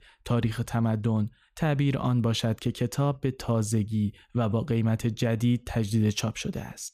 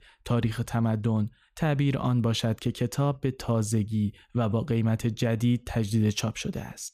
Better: neither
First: none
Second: none

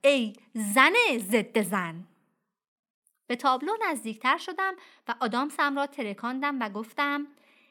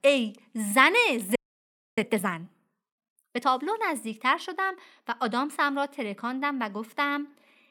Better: first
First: none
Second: audio freezing; at 1.5 s for 0.5 s

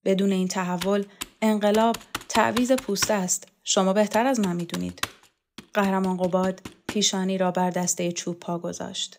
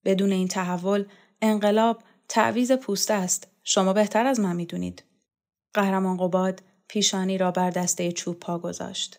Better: second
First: keyboard typing; noticeable; from 1 to 7 s; peak 7 dB below the speech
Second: none

